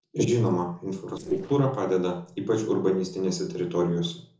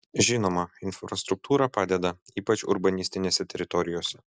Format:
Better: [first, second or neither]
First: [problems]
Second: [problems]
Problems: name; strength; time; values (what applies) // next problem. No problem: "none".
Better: second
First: noise reduction (neural separator model SepFormer DNS4)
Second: none